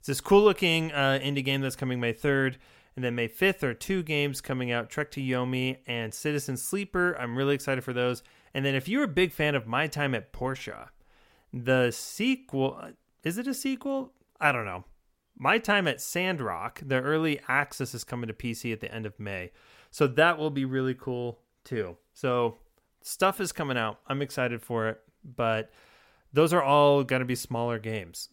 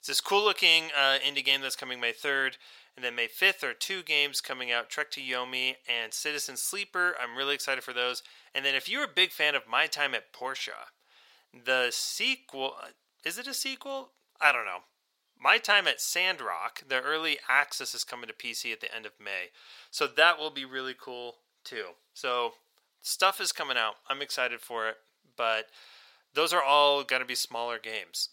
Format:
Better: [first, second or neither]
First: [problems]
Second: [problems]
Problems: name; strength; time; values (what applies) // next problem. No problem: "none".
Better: first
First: none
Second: thin; very; fading below 700 Hz